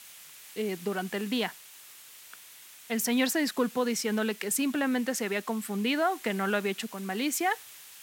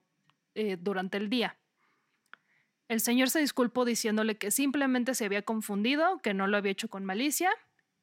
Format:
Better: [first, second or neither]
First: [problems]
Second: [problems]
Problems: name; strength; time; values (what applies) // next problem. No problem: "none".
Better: second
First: hiss; noticeable; throughout; 15 dB below the speech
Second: none